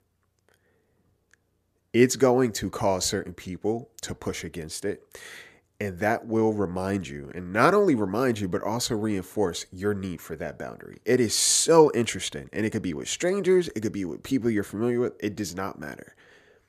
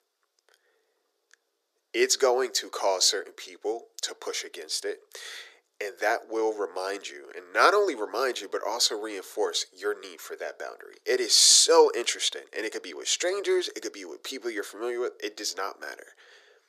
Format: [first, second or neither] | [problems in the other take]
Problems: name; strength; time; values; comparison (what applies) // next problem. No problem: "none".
first | thin; very; fading below 400 Hz